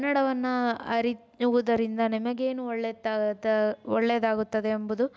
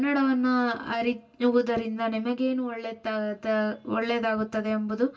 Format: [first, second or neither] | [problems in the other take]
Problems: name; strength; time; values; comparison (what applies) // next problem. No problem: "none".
first | room echo; dies away in 0.1 s